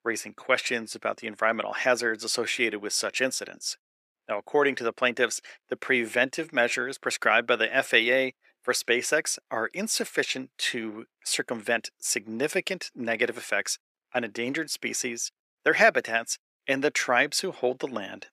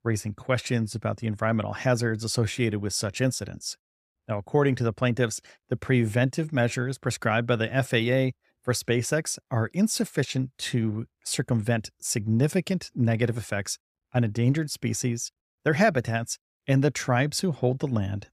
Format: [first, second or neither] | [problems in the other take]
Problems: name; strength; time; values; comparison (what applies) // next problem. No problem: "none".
second | thin; very; fading below 350 Hz